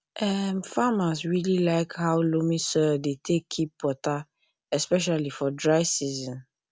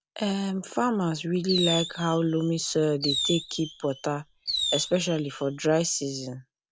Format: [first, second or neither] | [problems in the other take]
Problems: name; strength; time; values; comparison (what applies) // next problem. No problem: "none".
first | background sound (Fireworks); 6 dB below the speech